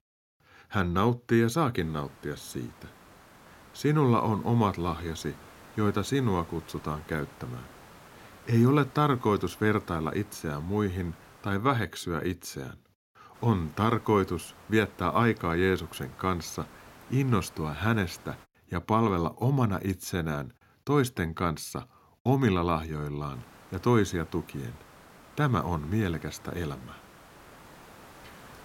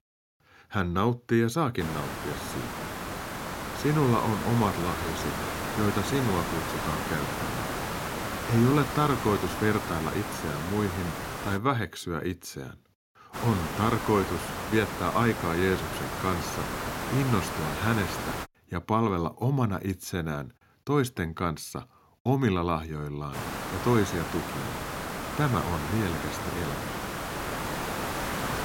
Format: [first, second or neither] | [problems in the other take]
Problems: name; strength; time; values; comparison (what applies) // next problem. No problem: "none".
first | hiss; loud; from 2 to 12 s, from 13 to 18 s and from 23 s on; 4 dB below the speech; faint in the first